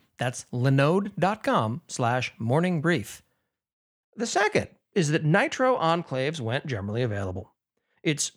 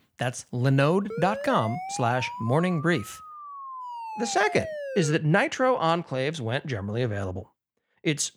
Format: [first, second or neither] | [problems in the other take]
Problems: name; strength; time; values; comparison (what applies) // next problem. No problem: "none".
first | siren; noticeable; from 1 to 5 s; peak 8 dB below the speech